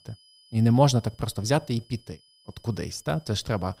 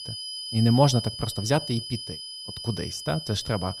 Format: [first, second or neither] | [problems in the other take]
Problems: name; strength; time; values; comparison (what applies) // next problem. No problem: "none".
first | high-pitched whine; loud; throughout; 5 kHz, 8 dB below the speech; faint in the first